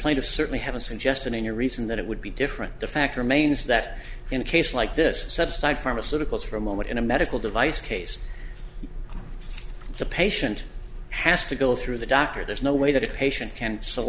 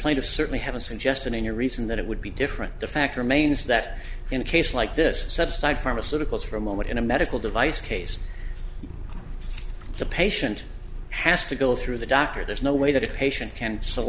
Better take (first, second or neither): first